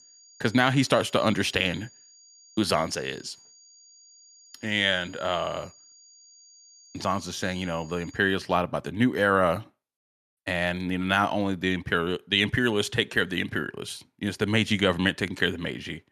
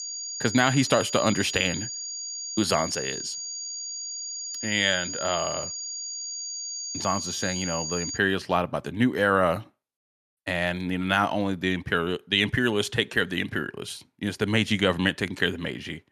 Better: first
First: high-pitched whine; faint; until 8 s; 7 kHz, 25 dB below the speech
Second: high-pitched whine; loud; until 8 s; 7 kHz, 6 dB below the speech

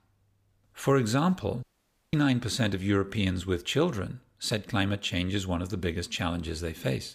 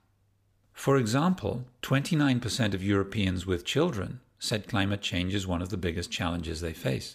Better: second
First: audio cutting out; at 1.5 s for 0.5 s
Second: none

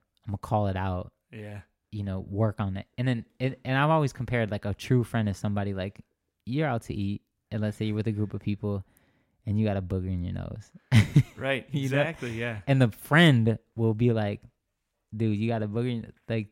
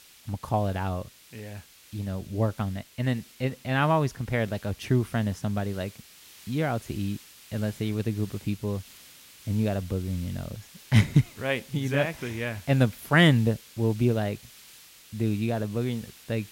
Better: first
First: none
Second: hiss; faint; throughout; 20 dB below the speech

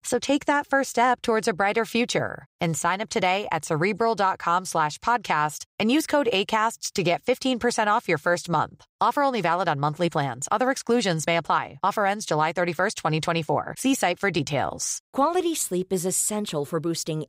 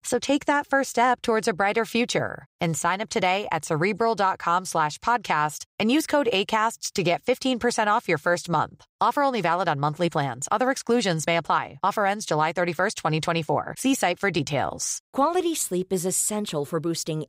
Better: neither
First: none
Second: none

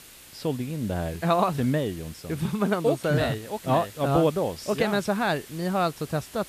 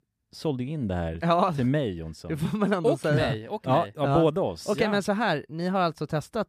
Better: second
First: hiss; noticeable; throughout; 20 dB below the speech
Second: none

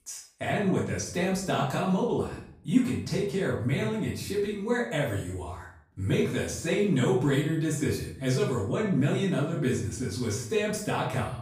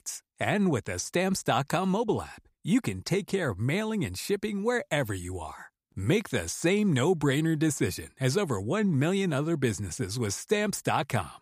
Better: second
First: room echo; noticeable; dies away in 0.5 s // off-mic speech; far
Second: none

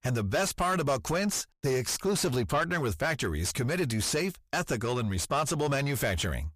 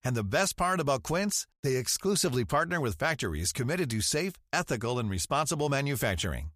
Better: second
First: distortion; slight; 9 dB below the speech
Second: none

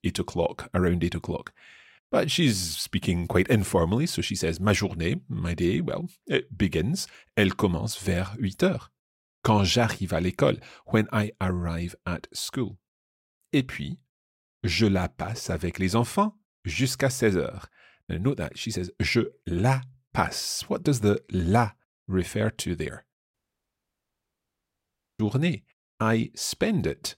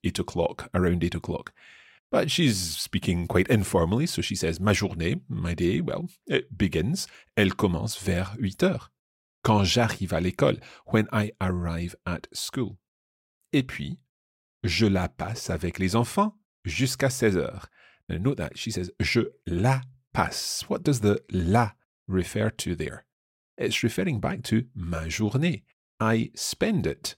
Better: second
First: audio cutting out; at 23 s for 2 s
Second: none

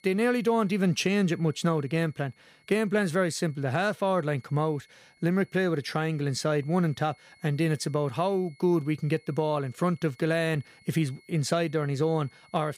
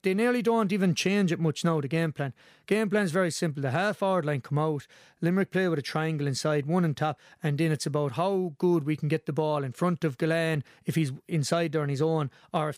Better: second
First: high-pitched whine; faint; throughout; 2 kHz, 30 dB below the speech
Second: none

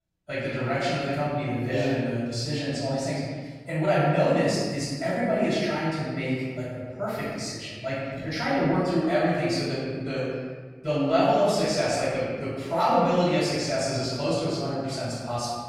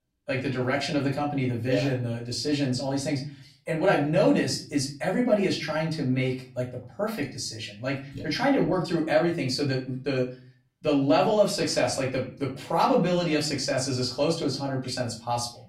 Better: second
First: room echo; strong; dies away in 1.4 s // off-mic speech; far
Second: room echo; slight; dies away in 0.3 s // off-mic speech; far

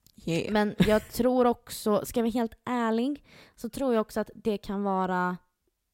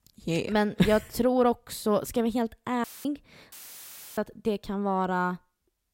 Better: first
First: none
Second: audio cutting out; filled with static; at 3 s and at 3.5 s for 0.5 s

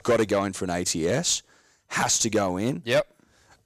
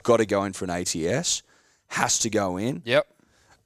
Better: second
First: distortion; slight; 3% of the sound clipped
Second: none

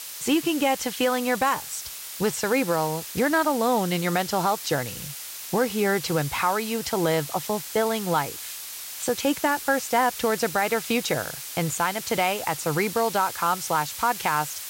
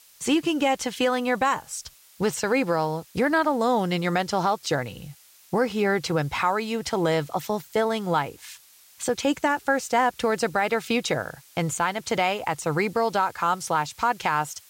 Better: second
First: hiss; loud; throughout; 9 dB below the speech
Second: hiss; faint; throughout; 25 dB below the speech

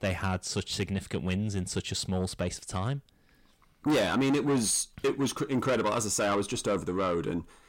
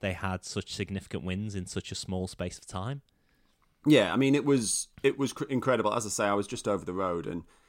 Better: second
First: distortion; heavy; 7 dB below the speech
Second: none

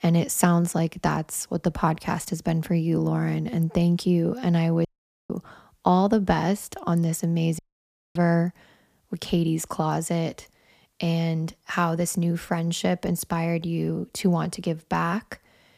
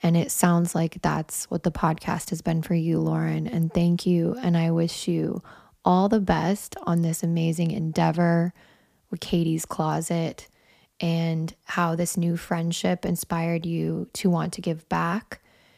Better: second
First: audio cutting out; at 5 s and at 7.5 s for 0.5 s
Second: none

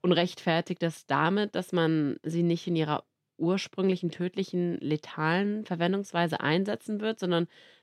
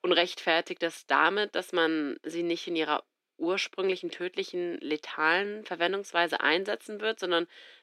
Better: first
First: none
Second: thin; very; fading below 300 Hz

